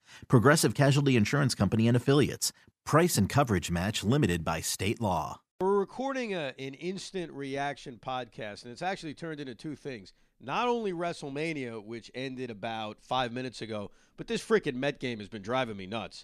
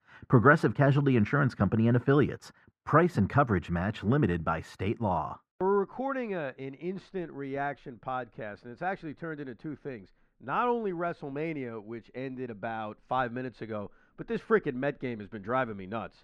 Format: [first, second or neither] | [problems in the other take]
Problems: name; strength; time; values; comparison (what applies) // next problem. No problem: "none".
first | muffled; very; fading above 3.5 kHz